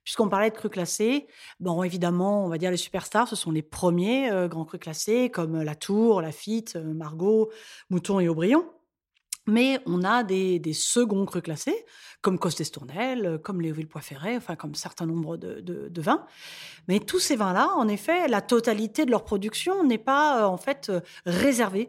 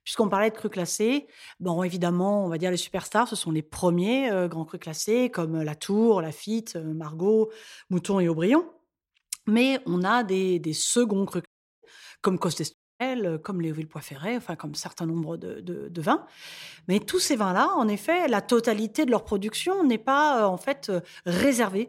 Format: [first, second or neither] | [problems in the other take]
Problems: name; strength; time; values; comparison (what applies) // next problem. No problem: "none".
first | audio cutting out; at 11 s and at 13 s